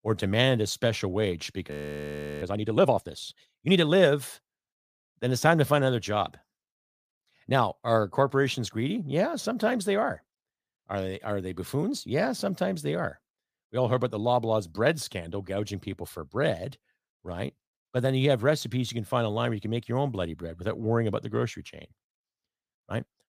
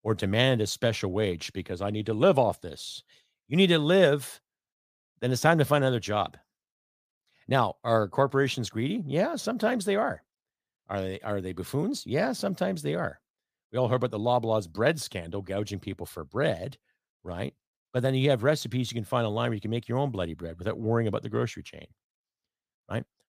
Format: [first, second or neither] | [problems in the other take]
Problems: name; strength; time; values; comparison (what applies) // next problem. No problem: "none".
second | audio freezing; at 1.5 s for 0.5 s